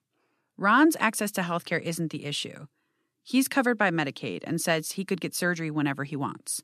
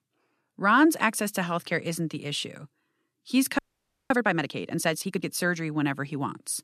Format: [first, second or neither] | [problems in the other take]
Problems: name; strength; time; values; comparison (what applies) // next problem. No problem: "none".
first | audio freezing; at 3.5 s for 0.5 s